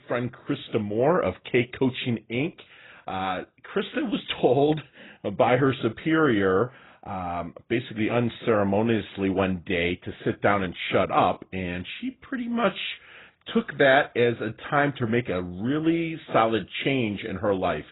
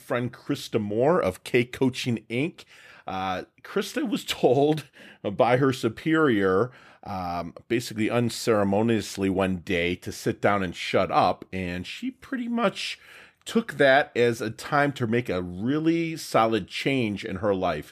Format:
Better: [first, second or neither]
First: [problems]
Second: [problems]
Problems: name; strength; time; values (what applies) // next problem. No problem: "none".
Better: second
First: garbled, watery; badly; nothing above 4 kHz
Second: none